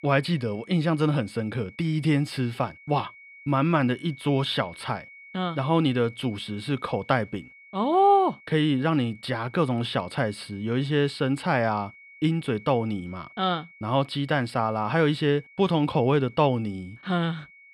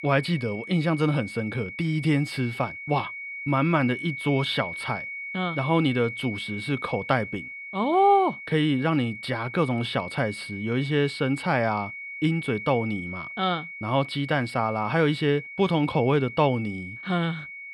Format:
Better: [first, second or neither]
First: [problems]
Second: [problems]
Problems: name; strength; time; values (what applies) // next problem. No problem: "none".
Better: first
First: high-pitched whine; faint; throughout; 2 kHz, 20 dB below the speech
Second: high-pitched whine; loud; throughout; 2 kHz, 10 dB below the speech